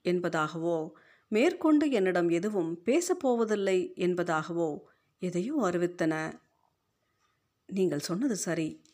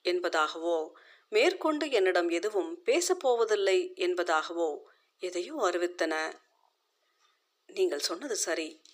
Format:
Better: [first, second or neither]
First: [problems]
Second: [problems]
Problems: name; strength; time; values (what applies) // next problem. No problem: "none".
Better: first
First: none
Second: thin; very; fading below 400 Hz